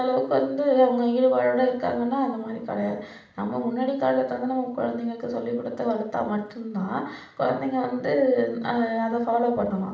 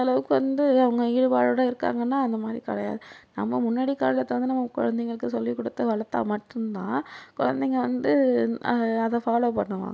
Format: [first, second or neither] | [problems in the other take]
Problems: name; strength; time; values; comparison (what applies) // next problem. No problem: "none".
second | room echo; dies away in 0.6 s